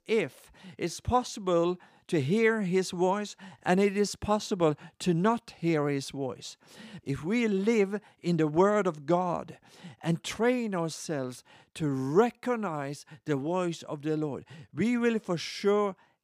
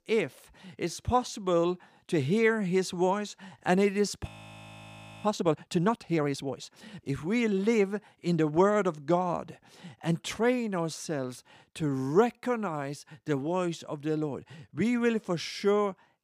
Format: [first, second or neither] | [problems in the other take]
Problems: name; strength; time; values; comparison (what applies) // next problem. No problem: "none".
first | audio freezing; at 4.5 s for 1 s